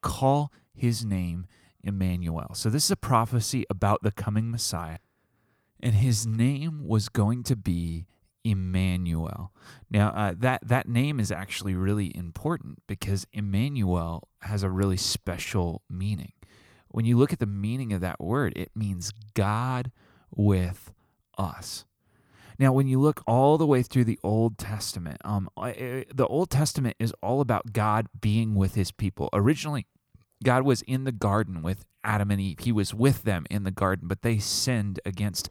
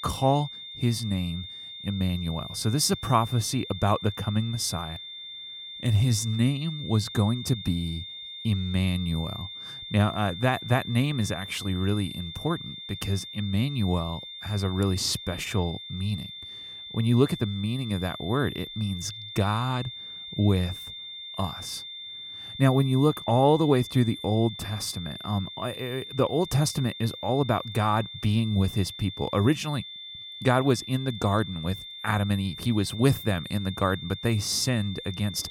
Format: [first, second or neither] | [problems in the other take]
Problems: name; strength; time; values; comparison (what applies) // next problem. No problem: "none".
first | high-pitched whine; noticeable; throughout; 3.5 kHz, 10 dB below the speech